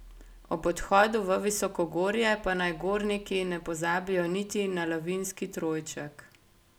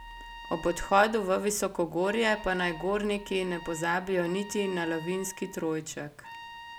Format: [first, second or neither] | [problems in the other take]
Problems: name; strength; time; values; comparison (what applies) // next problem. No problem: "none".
first | background sound (Trumpet); 17 dB below the speech